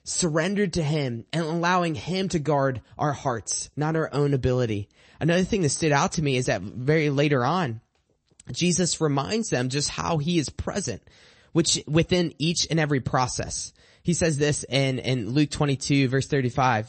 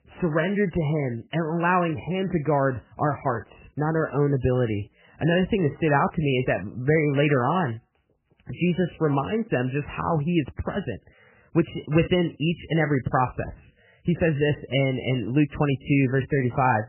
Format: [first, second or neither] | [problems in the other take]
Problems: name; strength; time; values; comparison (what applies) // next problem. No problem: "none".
first | garbled, watery; badly; nothing above 3 kHz; slightly in the first